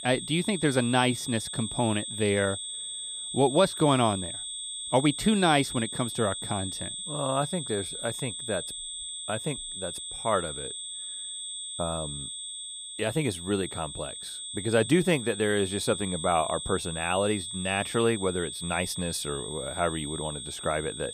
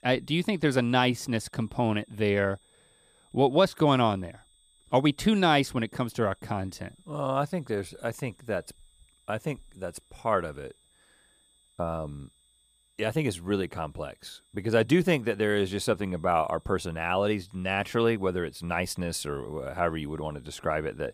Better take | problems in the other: second | high-pitched whine; loud; throughout; 8 kHz, 6 dB below the speech; faint in the second

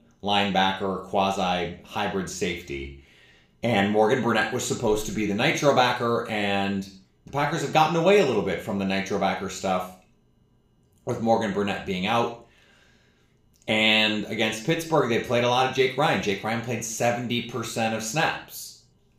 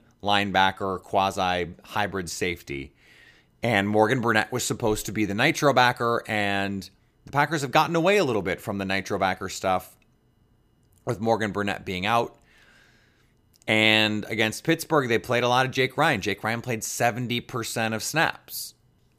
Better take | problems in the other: second | room echo; slight; dies away in 0.5 s // off-mic speech; somewhat distant

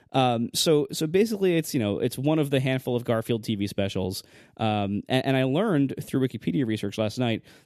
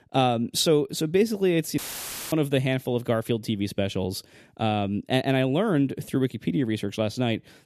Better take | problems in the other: first | audio cutting out; filled with static; at 2 s for 0.5 s

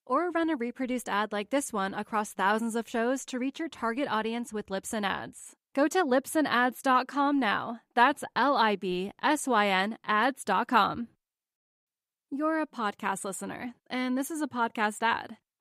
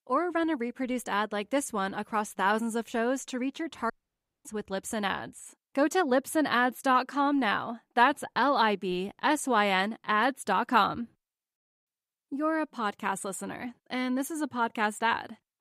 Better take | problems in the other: first | audio cutting out; at 4 s for 0.5 s

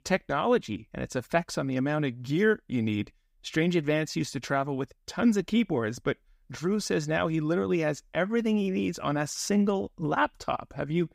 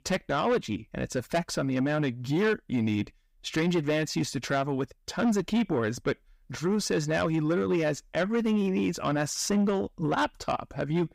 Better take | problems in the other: first | distortion; slight; 10 dB below the speech

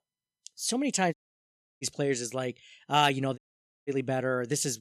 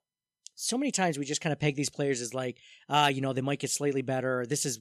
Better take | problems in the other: second | audio cutting out; at 1 s for 0.5 s and at 3.5 s

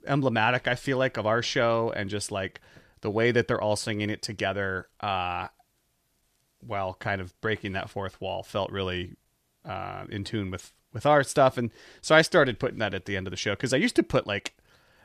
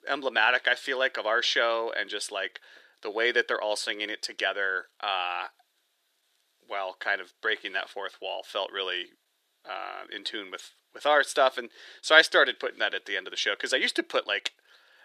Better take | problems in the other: first | thin; very; fading below 350 Hz

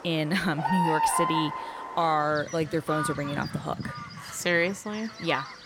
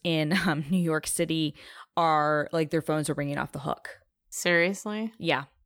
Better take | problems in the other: second | animal sounds; loud; throughout; 4 dB below the speech

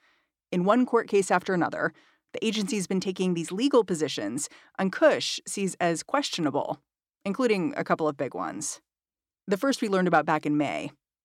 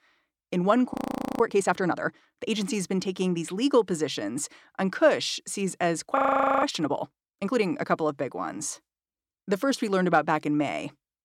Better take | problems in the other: first | audio freezing; at 1 s and at 6 s

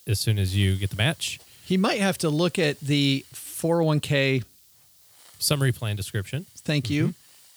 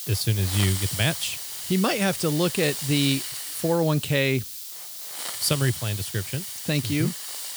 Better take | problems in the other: first | hiss; loud; throughout; 6 dB below the speech; faint in the first

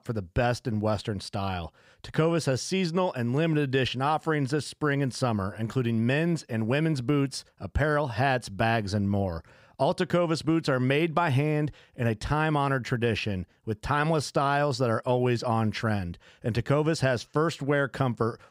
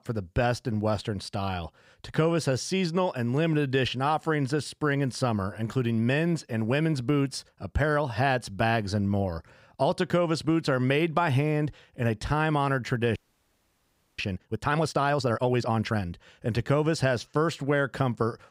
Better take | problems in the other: first | audio freezing; at 13 s for 1 s

